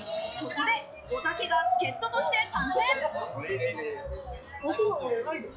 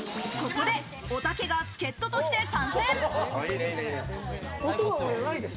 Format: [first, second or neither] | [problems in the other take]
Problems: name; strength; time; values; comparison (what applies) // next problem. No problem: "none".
second | noise reduction (classical method log-MMSE)